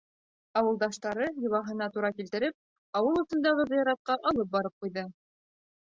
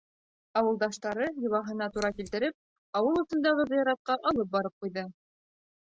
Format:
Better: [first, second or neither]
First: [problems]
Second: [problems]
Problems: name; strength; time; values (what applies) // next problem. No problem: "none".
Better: first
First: none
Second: background sound (Scissors); 16 dB below the speech